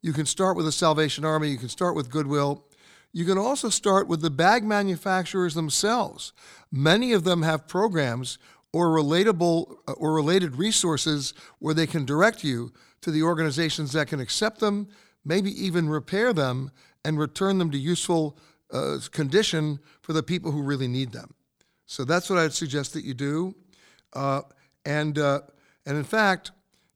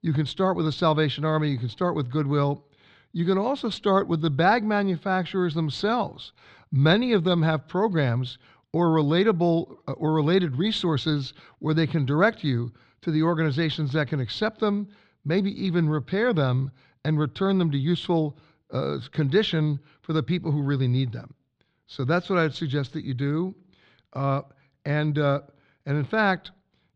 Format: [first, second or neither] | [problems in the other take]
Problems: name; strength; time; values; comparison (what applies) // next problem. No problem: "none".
first | muffled; slightly; fading above 3.5 kHz